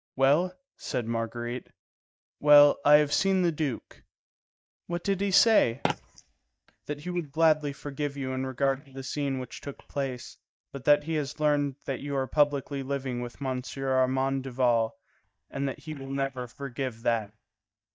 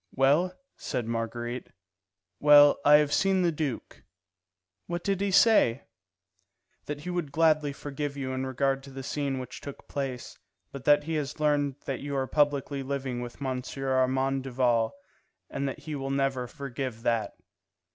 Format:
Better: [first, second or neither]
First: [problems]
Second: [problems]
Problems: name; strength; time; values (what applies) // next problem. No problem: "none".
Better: second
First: noise reduction (neural mask model DeepFilterNet 3)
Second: none